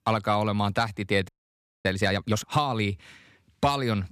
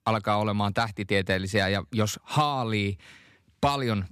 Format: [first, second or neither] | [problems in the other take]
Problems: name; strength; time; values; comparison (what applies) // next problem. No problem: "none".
second | audio freezing; at 1.5 s for 0.5 s